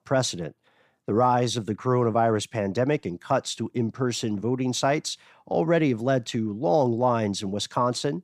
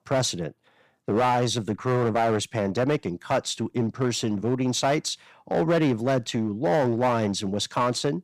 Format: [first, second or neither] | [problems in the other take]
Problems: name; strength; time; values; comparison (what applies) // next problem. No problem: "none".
first | distortion; slight; 9% of the sound clipped